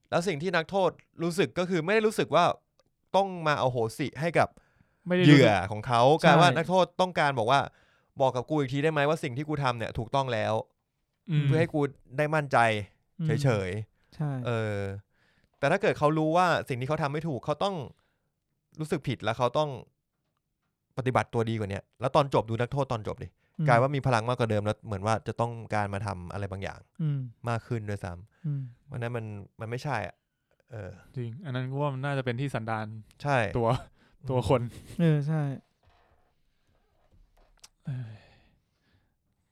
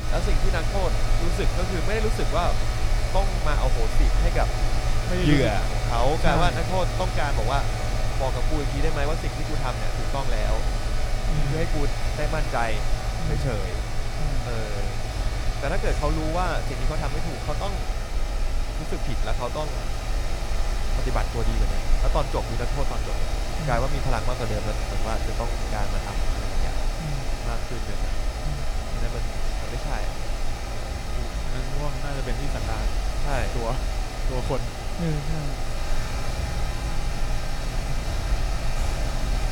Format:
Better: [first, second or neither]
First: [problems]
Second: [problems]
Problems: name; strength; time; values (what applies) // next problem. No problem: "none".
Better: first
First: none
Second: machinery noise; very loud; throughout; 2 dB above the speech